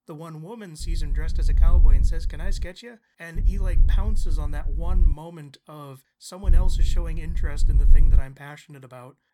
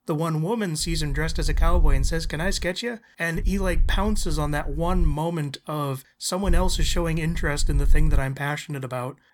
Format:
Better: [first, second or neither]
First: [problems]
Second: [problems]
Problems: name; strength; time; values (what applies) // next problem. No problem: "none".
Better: second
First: low rumble; loud; from 1 to 2.5 s, from 3.5 to 5 s and from 6.5 to 8 s; 6 dB below the speech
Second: low rumble; faint; from 1 to 2.5 s, from 3.5 to 5 s and from 6.5 to 8 s; 25 dB below the speech